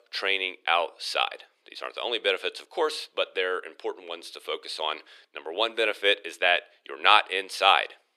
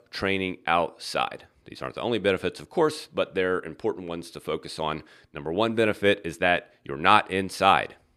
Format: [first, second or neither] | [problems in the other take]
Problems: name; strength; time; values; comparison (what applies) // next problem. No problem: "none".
second | thin; very; fading below 400 Hz